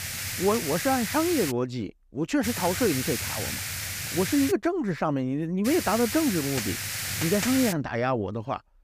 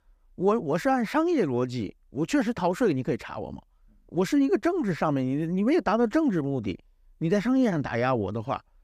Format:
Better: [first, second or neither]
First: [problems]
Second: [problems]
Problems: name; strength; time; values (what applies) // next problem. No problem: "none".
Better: second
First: hiss; loud; until 1.5 s, from 2.5 to 4.5 s and from 5.5 to 7.5 s; 3 dB below the speech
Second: none